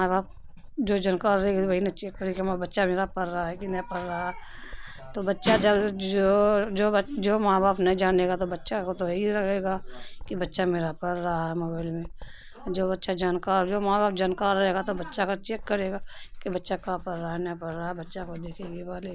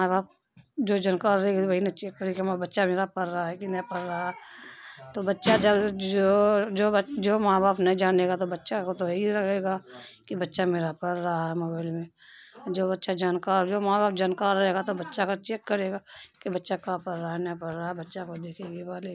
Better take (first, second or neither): second